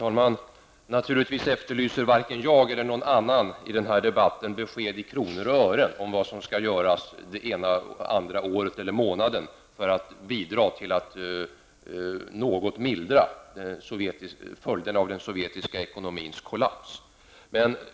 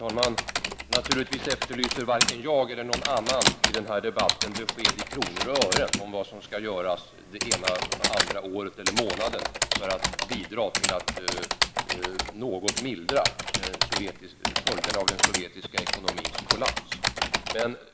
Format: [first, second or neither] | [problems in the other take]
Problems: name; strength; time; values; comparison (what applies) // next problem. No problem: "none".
first | background sound (Typing); 2 dB above the speech